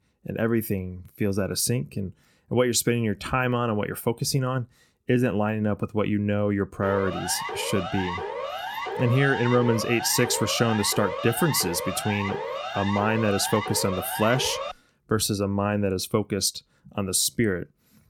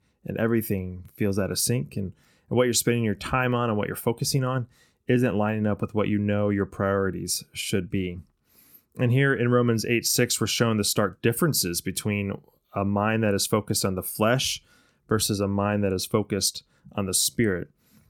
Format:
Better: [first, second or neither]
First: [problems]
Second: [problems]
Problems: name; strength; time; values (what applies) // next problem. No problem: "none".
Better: second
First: siren; noticeable; from 7 to 15 s; peak 5 dB below the speech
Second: none